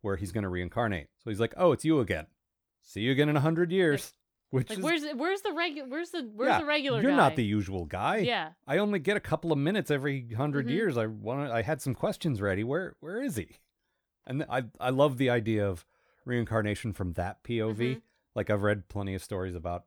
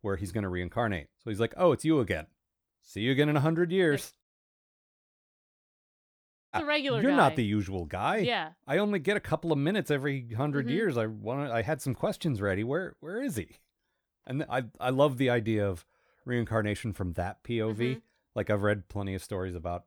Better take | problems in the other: first | audio cutting out; at 4 s for 2.5 s

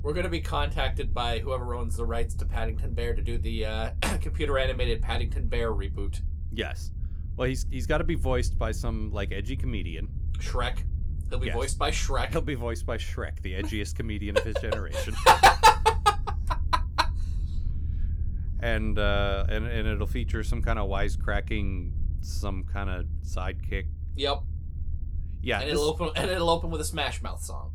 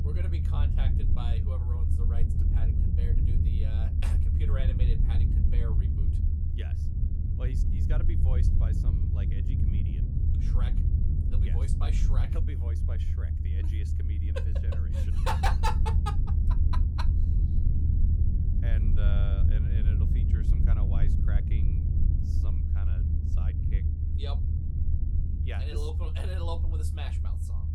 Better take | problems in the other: first | low rumble; loud; throughout; 2 dB below the speech; faint in the first

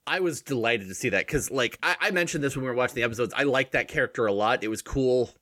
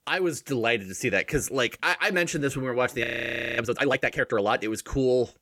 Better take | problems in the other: first | audio freezing; at 3 s for 0.5 s

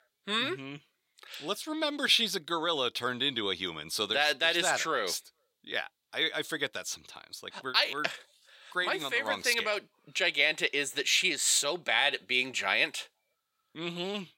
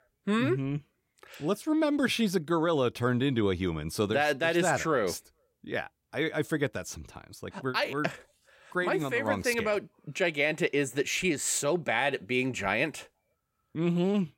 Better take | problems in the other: second | thin; somewhat; fading below 1 kHz

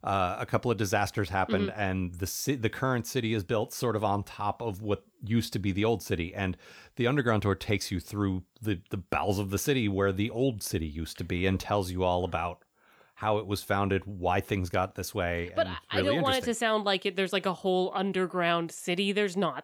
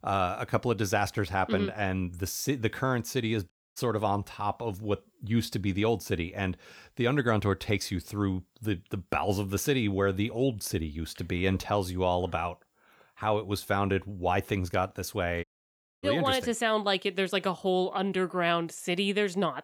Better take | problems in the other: first | audio cutting out; at 3.5 s and at 15 s for 0.5 s

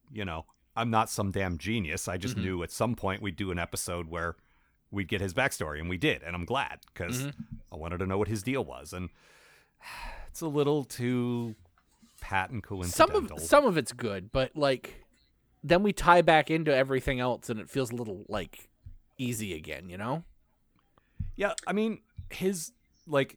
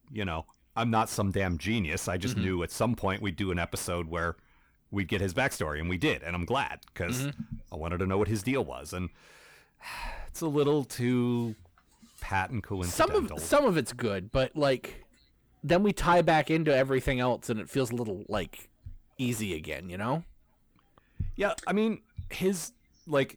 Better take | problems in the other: first | distortion; slight; 10 dB below the speech

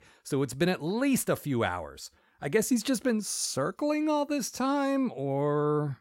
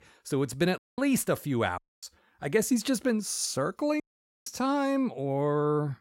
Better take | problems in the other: first | audio cutting out; at 1 s, at 2 s and at 4 s

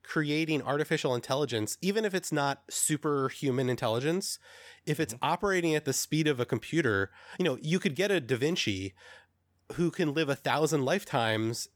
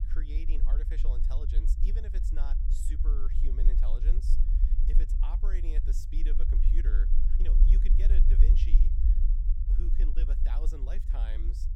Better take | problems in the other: first | low rumble; loud; throughout; 2 dB below the speech

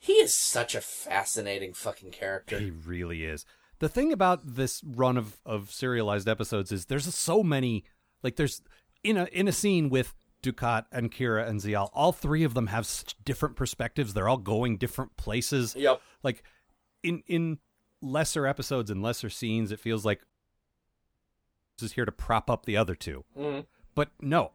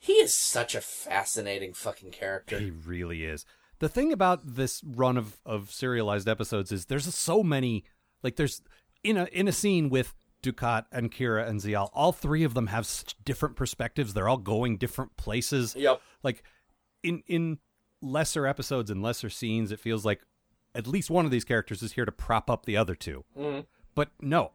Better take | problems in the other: second | audio cutting out; at 20 s for 1.5 s

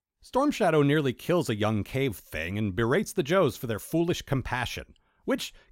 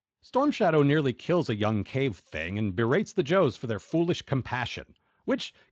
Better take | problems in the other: first | garbled, watery; slightly

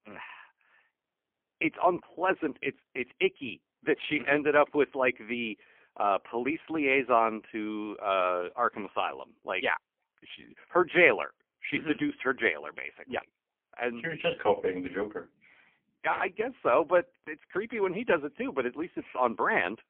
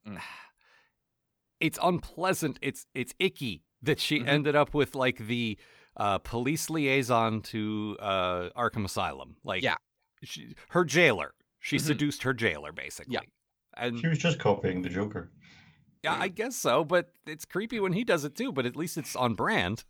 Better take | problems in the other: second | phone-call audio; poor line; nothing above 3.5 kHz

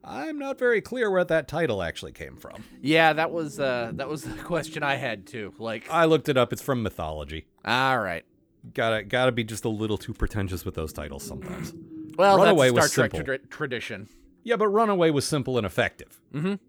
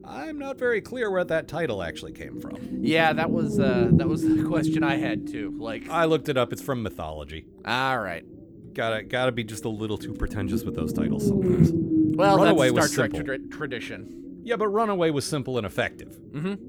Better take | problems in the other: first | low rumble; loud; throughout; 4 dB below the speech; faint in the first

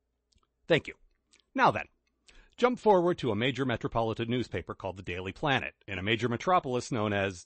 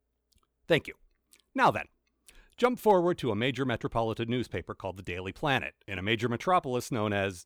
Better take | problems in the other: second | garbled, watery; slightly; nothing above 8 kHz

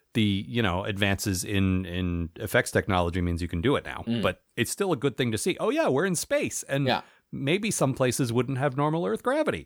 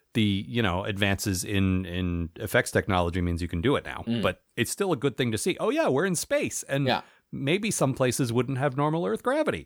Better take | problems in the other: neither | none

